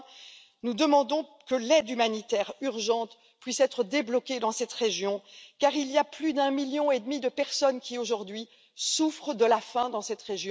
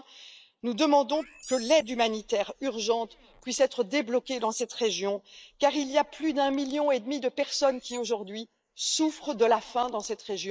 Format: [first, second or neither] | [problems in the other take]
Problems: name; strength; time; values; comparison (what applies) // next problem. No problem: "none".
first | noise reduction (neural mask model Resemble Enhance denoiser)